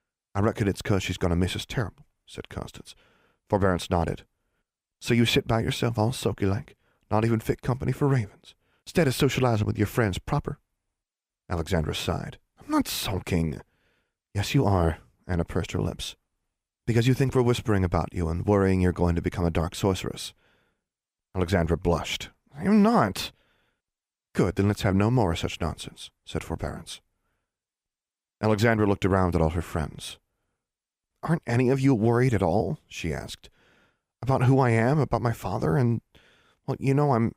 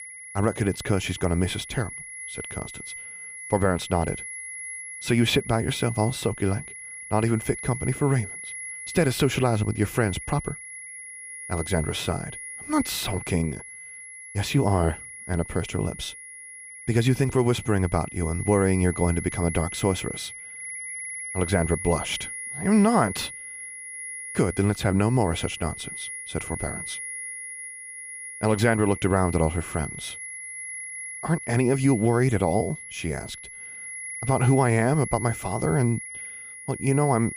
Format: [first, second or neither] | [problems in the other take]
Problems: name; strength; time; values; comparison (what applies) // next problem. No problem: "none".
first | high-pitched whine; noticeable; throughout; 2 kHz, 10 dB below the speech